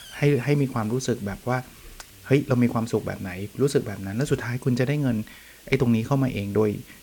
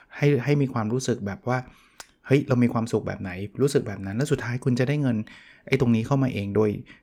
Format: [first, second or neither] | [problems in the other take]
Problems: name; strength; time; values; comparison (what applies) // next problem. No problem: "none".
second | hiss; faint; throughout; 20 dB below the speech